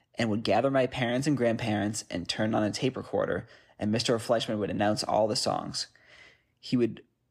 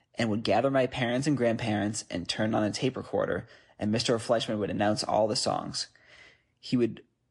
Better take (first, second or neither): first